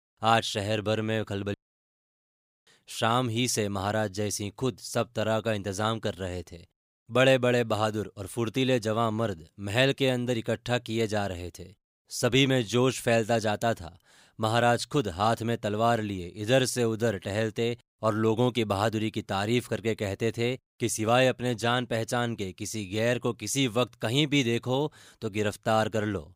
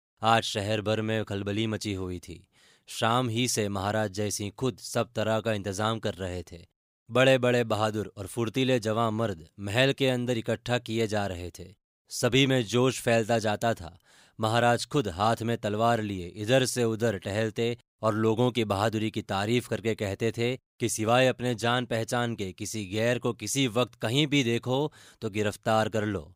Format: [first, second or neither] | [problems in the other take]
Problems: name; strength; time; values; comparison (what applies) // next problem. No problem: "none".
second | audio cutting out; at 1.5 s for 1 s